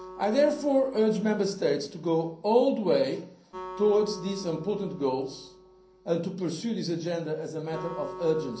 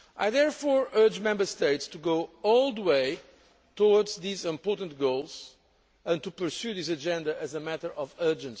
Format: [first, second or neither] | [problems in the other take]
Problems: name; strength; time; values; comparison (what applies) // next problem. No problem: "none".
second | background sound (Acoustic guitar); 17 dB below the speech // room echo; dies away in 0.6 s